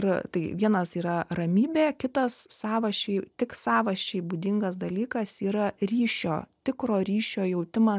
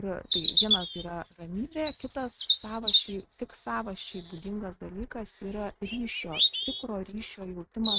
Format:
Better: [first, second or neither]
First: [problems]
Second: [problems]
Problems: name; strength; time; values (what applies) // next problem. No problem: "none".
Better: first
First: none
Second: noise reduction (neural mask model RNNoise)